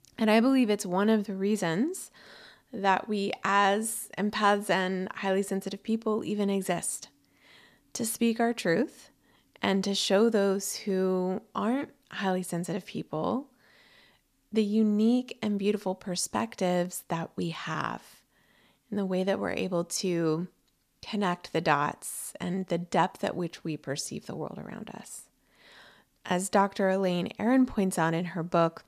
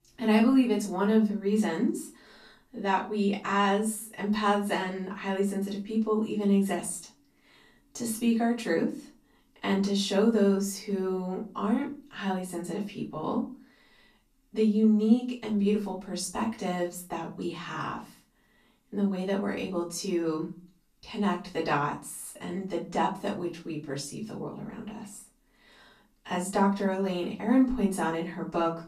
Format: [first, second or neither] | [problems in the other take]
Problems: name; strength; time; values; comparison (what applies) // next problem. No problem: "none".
first | off-mic speech; far // room echo; slight; dies away in 0.3 s